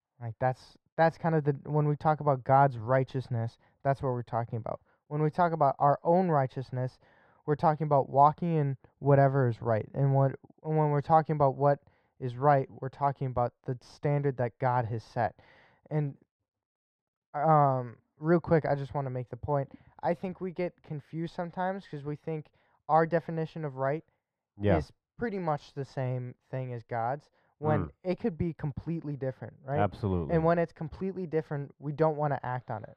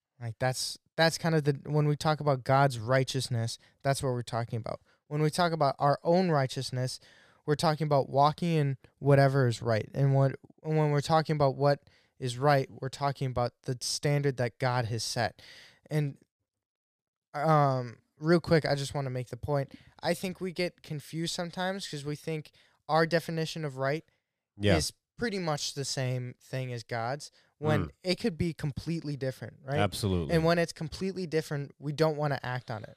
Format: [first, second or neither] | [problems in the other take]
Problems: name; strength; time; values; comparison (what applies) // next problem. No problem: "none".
second | muffled; very; fading above 3.5 kHz